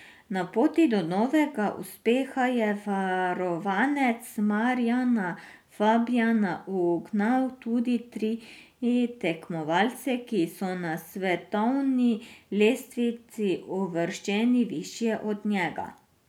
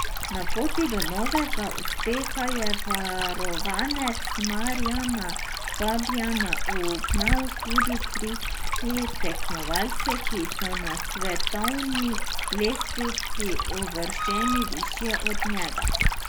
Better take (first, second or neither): first